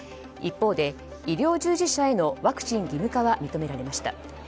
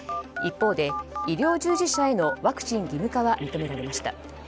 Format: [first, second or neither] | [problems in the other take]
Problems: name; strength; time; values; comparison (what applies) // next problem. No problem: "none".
first | background sound (Telephone); 9 dB below the speech